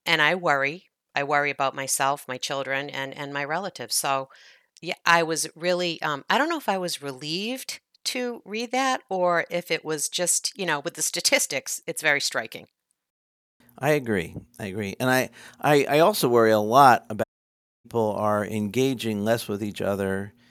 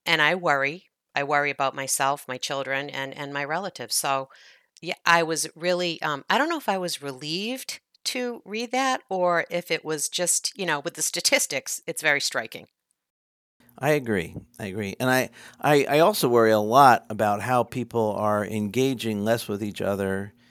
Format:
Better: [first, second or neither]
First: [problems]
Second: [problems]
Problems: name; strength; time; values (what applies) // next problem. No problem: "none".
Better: second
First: audio cutting out; at 17 s for 0.5 s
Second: none